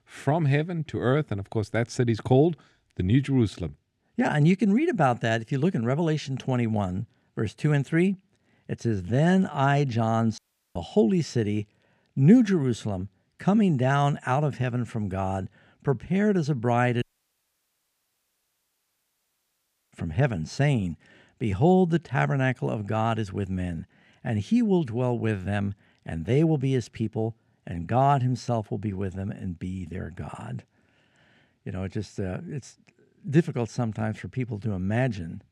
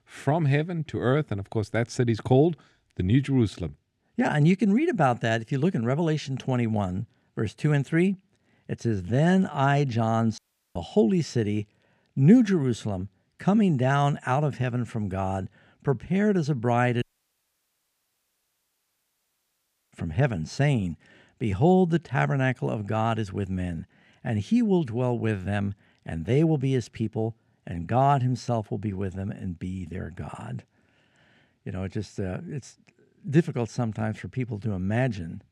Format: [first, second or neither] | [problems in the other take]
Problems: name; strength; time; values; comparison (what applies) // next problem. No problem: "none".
neither | audio cutting out; at 10 s and at 17 s for 3 s; the same in both